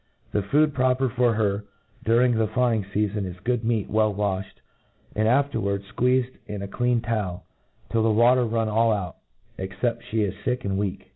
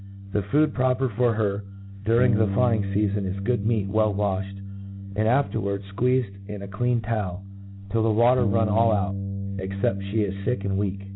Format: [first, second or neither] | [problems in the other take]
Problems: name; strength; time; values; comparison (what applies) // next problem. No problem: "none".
first | background sound (Bass guitar); 6 dB below the speech